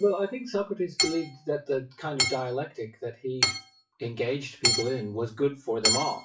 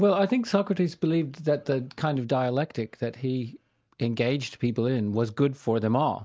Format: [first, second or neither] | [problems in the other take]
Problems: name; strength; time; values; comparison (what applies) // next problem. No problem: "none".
second | noise reduction (classical method WPE with log-MMSE)